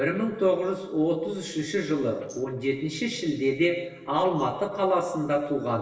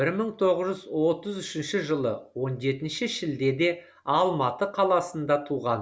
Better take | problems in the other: second | noise reduction (neural separator model SepFormer DNS4)

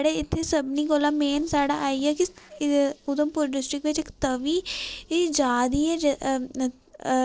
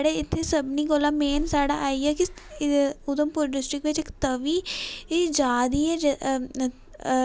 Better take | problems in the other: second | noise reduction (neural separator model SepFormer DNS4)

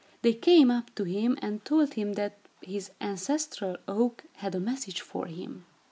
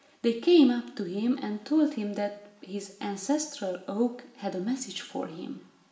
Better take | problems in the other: first | room echo; dies away in 0.7 s

